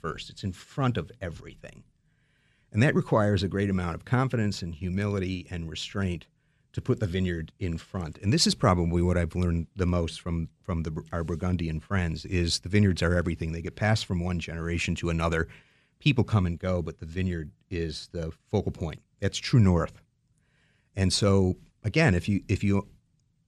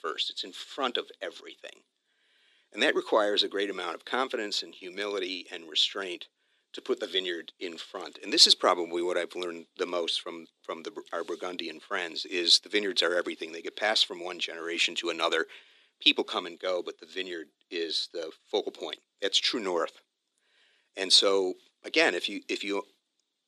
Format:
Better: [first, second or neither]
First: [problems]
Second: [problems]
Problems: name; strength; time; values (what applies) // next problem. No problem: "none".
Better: first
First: none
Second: thin; very; fading below 300 Hz